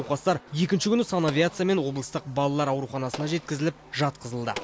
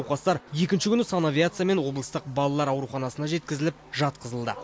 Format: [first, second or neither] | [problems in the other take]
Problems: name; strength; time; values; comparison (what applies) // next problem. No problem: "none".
second | background sound (Explosion); 19 dB below the speech